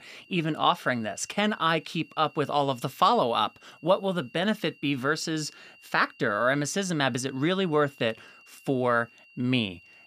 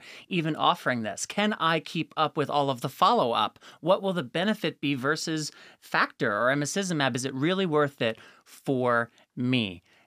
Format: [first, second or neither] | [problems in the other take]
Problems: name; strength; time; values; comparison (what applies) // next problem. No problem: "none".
second | high-pitched whine; faint; throughout; 3 kHz, 25 dB below the speech